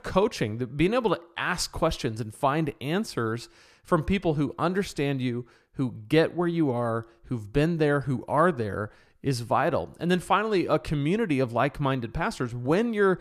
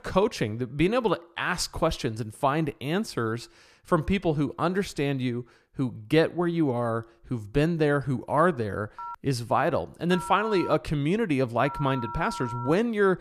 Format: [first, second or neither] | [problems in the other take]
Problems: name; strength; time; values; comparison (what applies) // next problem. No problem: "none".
first | phone ringing; noticeable; from 9 s on; peak 9 dB below the speech